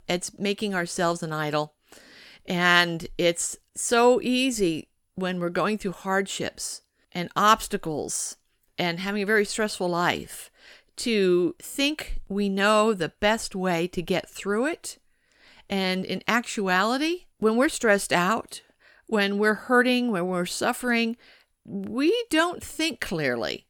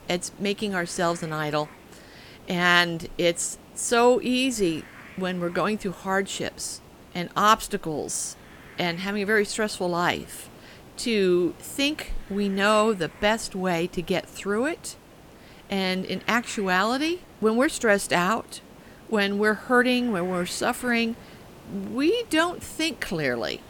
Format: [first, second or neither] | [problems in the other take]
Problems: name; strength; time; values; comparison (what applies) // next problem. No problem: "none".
first | hiss; faint; throughout; 20 dB below the speech